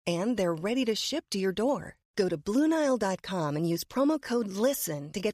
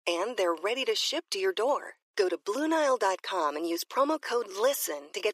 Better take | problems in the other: first | thin; very; fading below 350 Hz

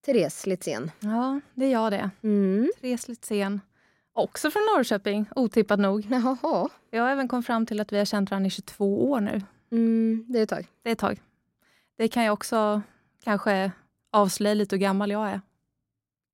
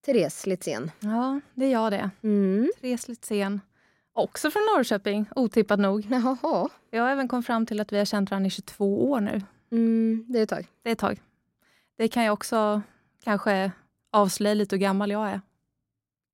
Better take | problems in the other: neither | none

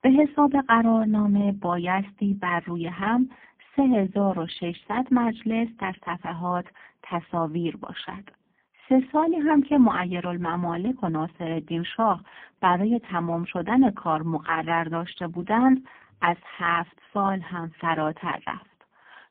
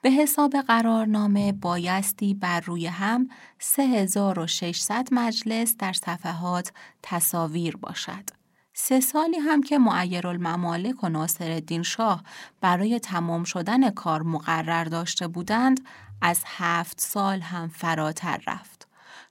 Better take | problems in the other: second | phone-call audio; poor line

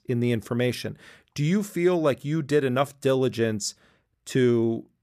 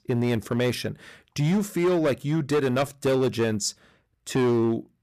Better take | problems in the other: first | distortion; slight; 11% of the sound clipped

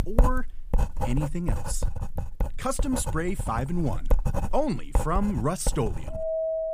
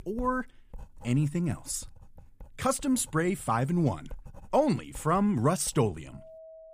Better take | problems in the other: second | household noises; loud; throughout; 2 dB below the speech; faint in the second

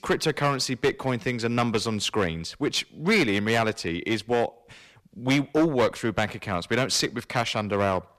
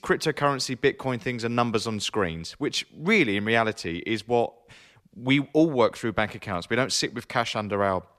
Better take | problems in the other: second | distortion; slight; 6% of the sound clipped

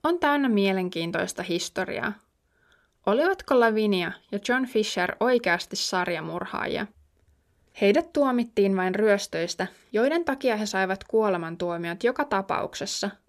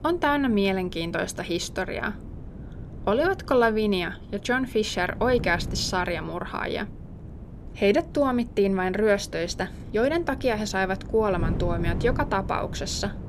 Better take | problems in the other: first | wind noise on the microphone; occasional gusts; 20 dB below the speech

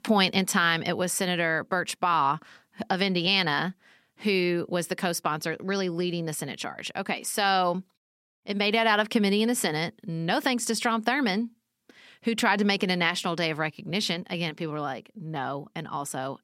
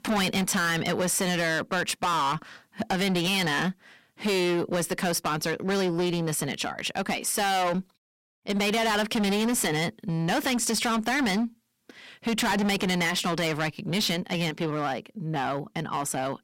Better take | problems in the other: first | distortion; heavy; 21% of the sound clipped

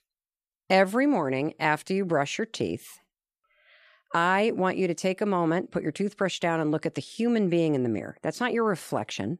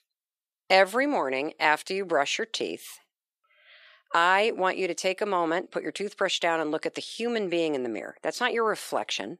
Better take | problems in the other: first | thin; somewhat; fading below 400 Hz

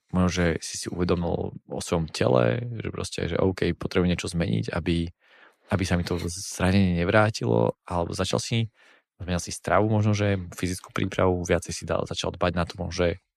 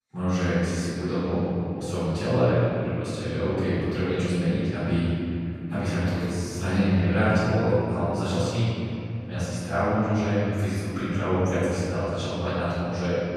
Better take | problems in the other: first | off-mic speech; far // room echo; strong; dies away in 3 s

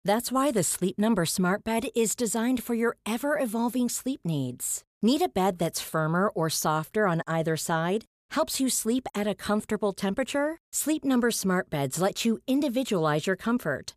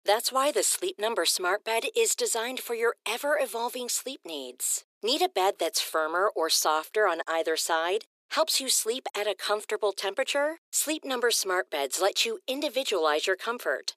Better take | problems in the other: first | thin; very; fading below 350 Hz

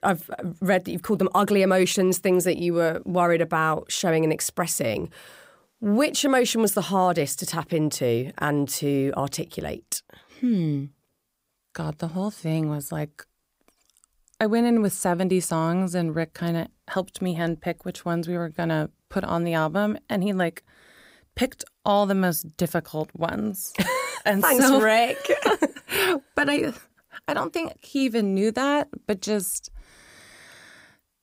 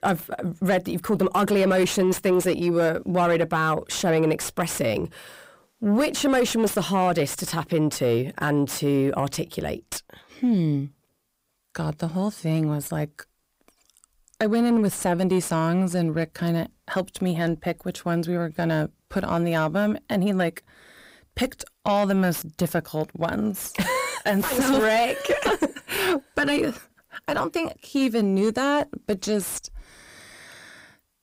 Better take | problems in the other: first | distortion; slight; 10 dB below the speech

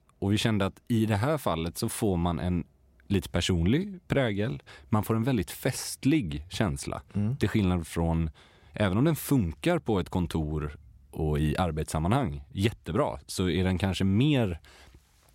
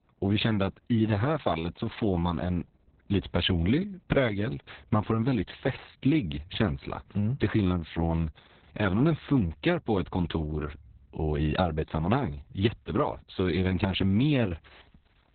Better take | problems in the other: first | garbled, watery; badly; nothing above 4 kHz

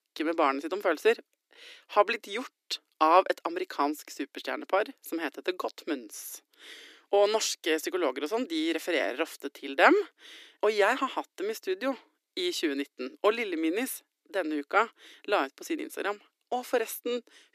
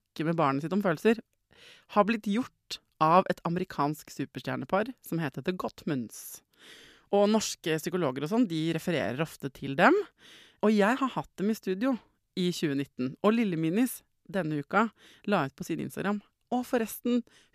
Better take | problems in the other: second | thin; somewhat; fading below 300 Hz

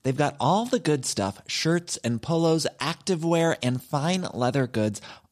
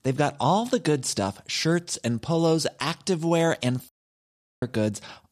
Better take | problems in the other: first | audio cutting out; at 4 s for 0.5 s

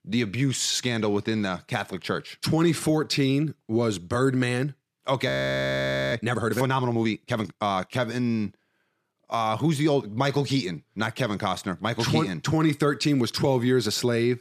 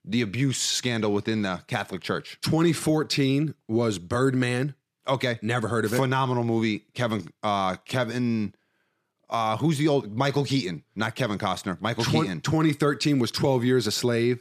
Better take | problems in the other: second | audio freezing; at 5.5 s for 1 s

